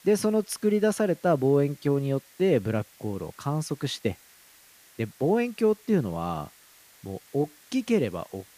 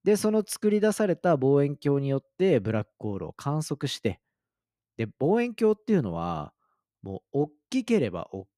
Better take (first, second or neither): second